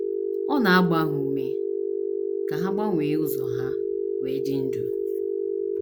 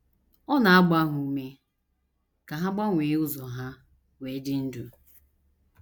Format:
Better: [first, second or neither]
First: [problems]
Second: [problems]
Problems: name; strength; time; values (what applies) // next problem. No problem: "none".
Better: second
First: background sound (Telephone); 2 dB above the speech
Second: none